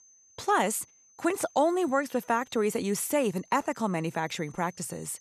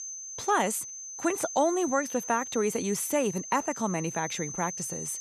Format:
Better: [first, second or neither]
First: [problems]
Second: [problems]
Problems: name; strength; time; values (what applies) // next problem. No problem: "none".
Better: first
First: high-pitched whine; faint; throughout; 6.5 kHz, 25 dB below the speech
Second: high-pitched whine; loud; throughout; 6.5 kHz, 7 dB below the speech